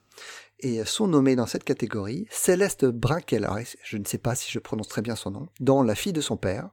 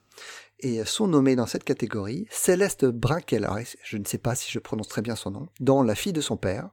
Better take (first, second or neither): neither